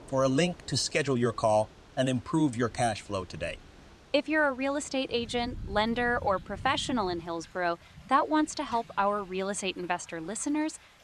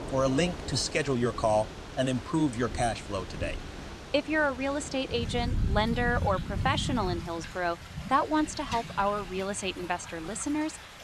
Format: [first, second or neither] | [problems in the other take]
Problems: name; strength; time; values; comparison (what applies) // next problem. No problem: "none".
first | rain or running water; loud; throughout; 8 dB below the speech; faint in the first